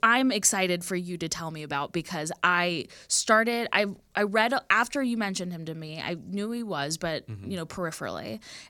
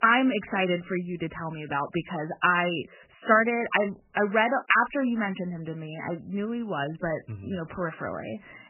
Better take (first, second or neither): first